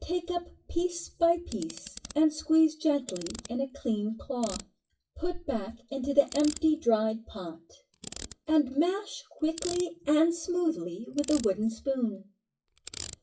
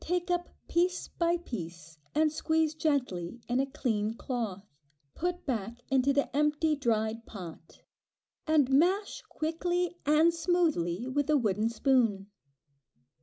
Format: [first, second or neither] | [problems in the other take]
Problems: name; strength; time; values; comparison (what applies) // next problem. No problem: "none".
second | noise reduction (classical method WPE with log-MMSE)